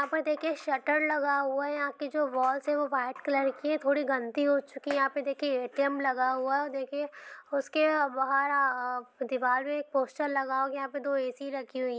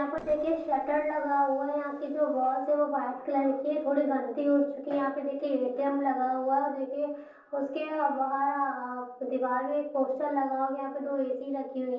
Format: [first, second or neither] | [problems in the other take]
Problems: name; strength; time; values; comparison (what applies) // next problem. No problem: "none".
first | noise reduction (neural separator model SepFormer DNS4)